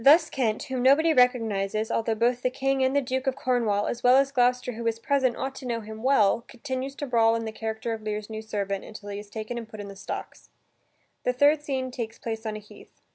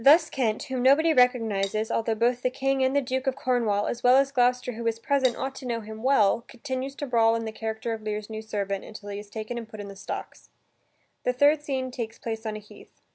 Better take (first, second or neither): first